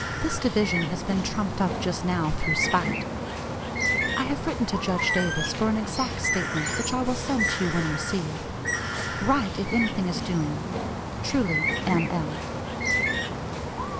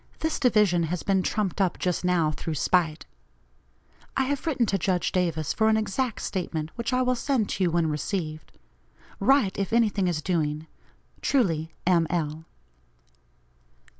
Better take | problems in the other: second | background sound (Bird); as loud as the speech

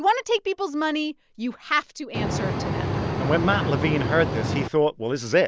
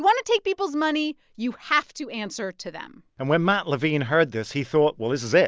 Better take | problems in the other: second | background sound (Boat, Water vehicle); 1 dB below the speech

